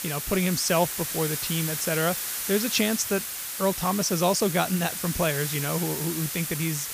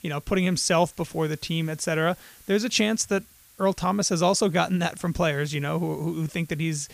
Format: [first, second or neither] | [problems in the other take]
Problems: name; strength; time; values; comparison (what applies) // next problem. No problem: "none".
second | hiss; loud; throughout; 3 dB below the speech; faint in the second